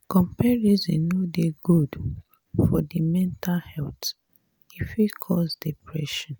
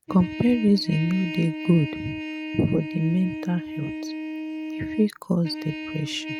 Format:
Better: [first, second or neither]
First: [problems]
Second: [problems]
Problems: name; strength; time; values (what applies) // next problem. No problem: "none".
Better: first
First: none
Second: noise reduction (neural mask model RNNoise)